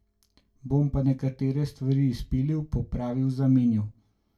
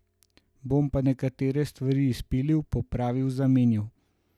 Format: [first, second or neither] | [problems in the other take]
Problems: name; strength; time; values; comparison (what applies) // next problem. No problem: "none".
second | room echo; dies away in 0.2 s